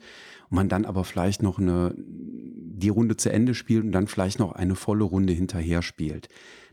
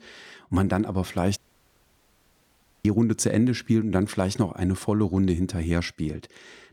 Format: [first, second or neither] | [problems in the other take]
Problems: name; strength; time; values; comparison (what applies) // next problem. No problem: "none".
first | audio cutting out; at 1.5 s for 1.5 s